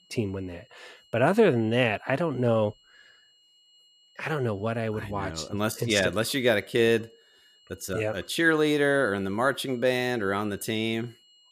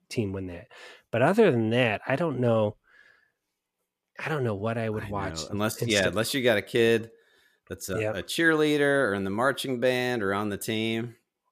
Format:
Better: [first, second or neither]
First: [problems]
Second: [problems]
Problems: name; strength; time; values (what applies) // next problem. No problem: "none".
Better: second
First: high-pitched whine; faint; throughout; 3 kHz, 30 dB below the speech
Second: none